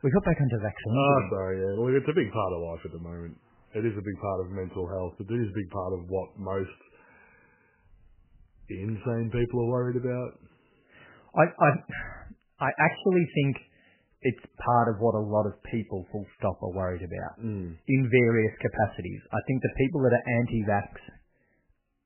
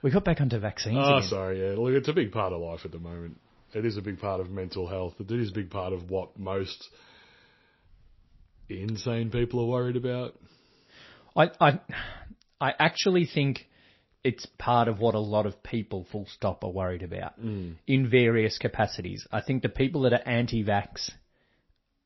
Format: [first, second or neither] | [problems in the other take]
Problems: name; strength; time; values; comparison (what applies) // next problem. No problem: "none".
second | garbled, watery; badly; nothing above 3 kHz; slightly in the second